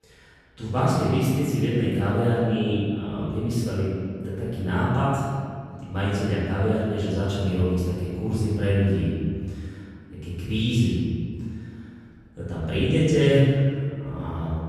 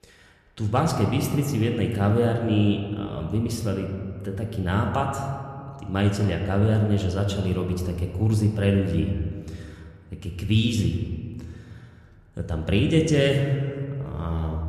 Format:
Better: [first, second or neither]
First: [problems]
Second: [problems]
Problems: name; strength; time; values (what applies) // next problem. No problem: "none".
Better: second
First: room echo; strong; dies away in 1.9 s // off-mic speech; far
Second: room echo; slight; dies away in 1.8 s